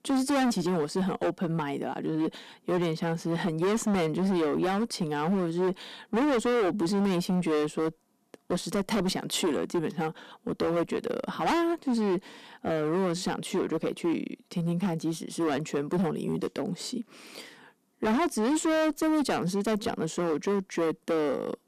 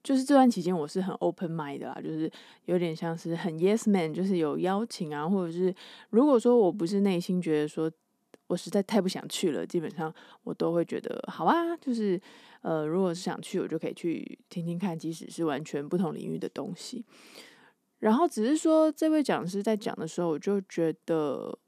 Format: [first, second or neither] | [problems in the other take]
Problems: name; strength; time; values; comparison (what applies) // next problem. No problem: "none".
second | distortion; heavy; 18% of the sound clipped